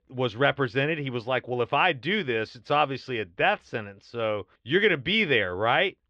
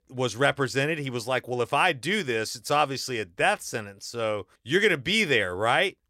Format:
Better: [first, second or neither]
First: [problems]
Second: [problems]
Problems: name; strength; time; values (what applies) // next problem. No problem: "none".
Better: second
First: muffled; slightly; fading above 3.5 kHz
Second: none